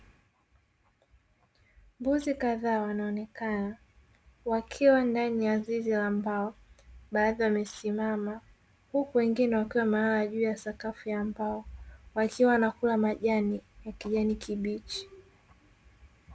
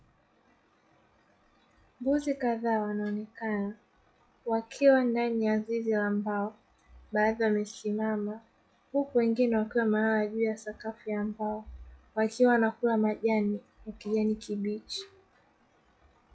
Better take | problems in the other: first | noise reduction (classical method log-MMSE)

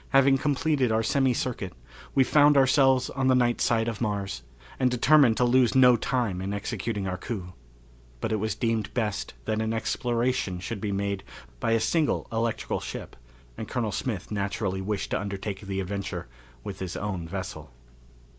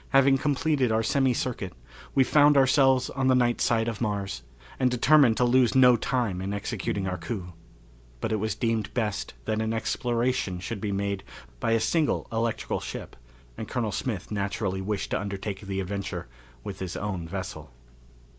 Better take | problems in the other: first | background sound (Piano); 16 dB below the speech

